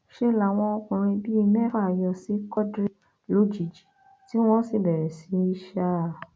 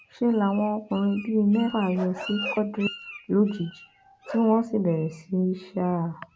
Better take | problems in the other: first | background sound (Bird + Bark); 15 dB below the speech

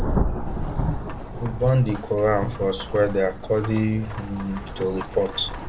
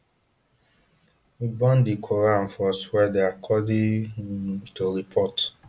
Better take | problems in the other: second | background sound (Rain / Thunderstorm); 4 dB below the speech

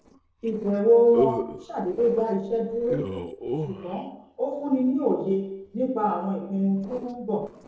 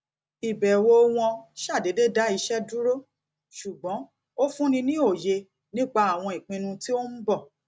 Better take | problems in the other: second | noise reduction (neural separator model SepFormer DNS4)

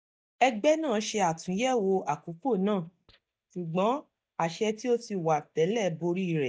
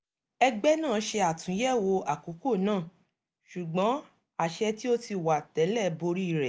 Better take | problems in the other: second | noise reduction (neural mask model DeepFilterNet 3)

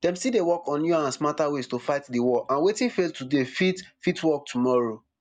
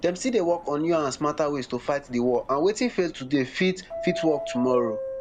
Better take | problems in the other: first | background sound (Subway, metro, underground); 12 dB below the speech

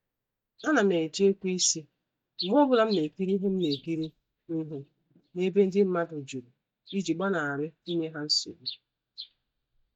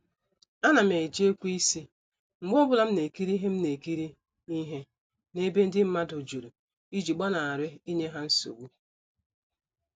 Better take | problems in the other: second | noise reduction (neural mask model DeepFilterNet 3)

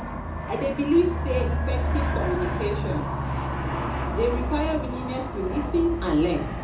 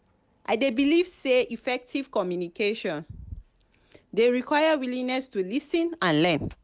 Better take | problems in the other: second | background sound (Aircraft); 1 dB below the speech // room echo; dies away in 0.5 s

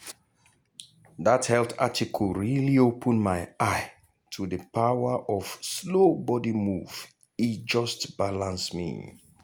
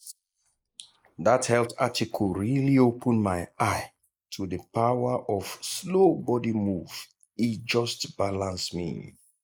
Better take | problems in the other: first | noise reduction (neural mask model Resemble Enhance denoiser)

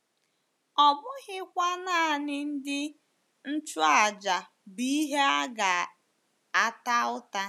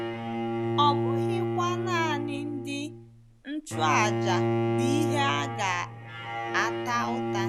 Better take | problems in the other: first | background sound (Bowed string instrument); 2 dB above the speech

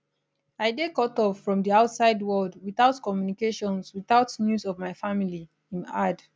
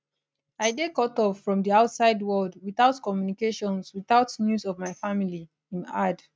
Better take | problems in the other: first | noise reduction (neural mask model RNNoise)

